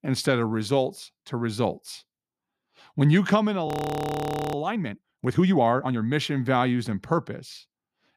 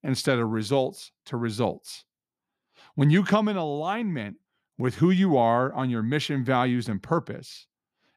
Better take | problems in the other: second | audio freezing; at 3.5 s for 1 s

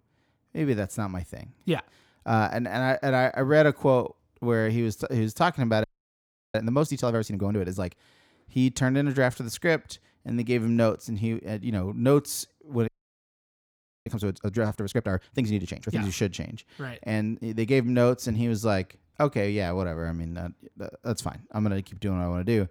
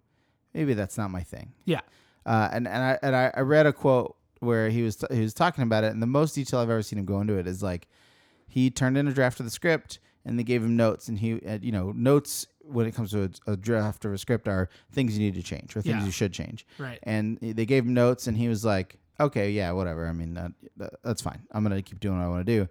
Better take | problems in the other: second | audio freezing; at 6 s for 0.5 s and at 13 s for 1 s

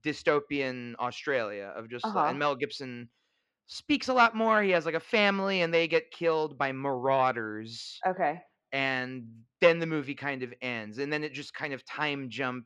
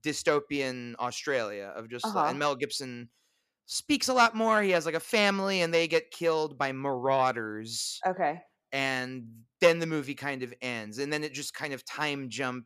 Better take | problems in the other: second | muffled; very slightly; fading above 3 kHz

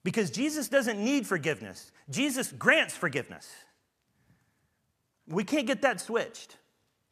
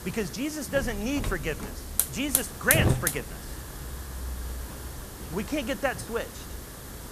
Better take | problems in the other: first | hiss; loud; throughout; 1 dB below the speech

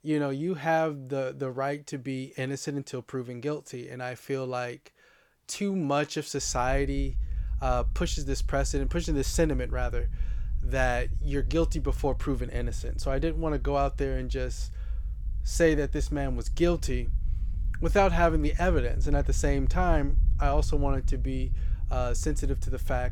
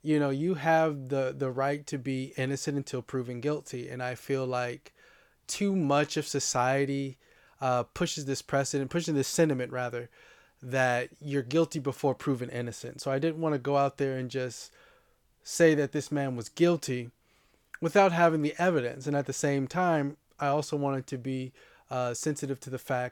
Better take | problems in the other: second | low rumble; faint; from 6.5 s on; 25 dB below the speech

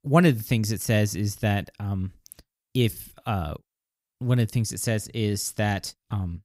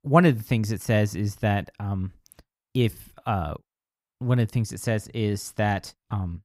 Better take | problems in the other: first | muffled; slightly; fading above 3.5 kHz

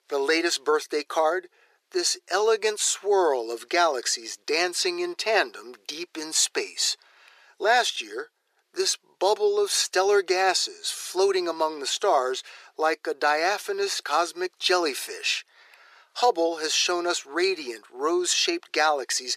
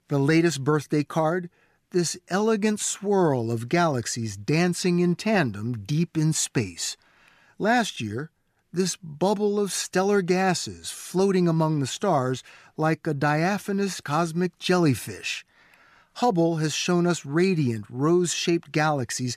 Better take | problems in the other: second | thin; very; fading below 400 Hz

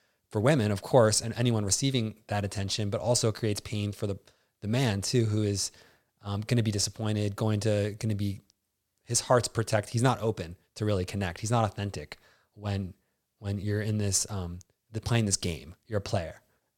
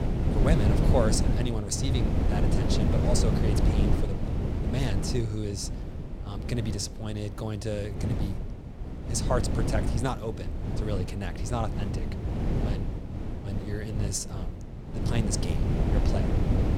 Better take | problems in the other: first | wind noise on the microphone; heavy; 2 dB below the speech

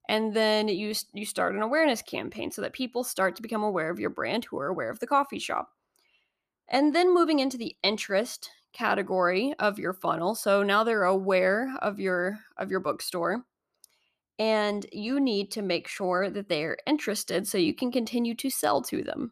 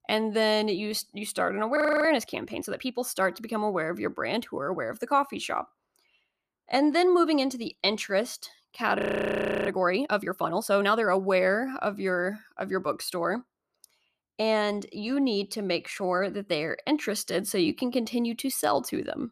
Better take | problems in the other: first | audio freezing; at 2 s and at 9 s for 0.5 s

